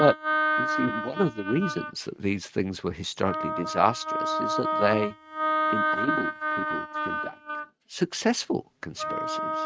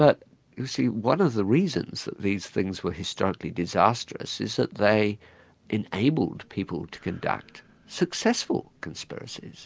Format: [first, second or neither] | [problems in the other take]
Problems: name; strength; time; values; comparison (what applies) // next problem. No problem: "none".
second | noise reduction (neural mask model RNNoise)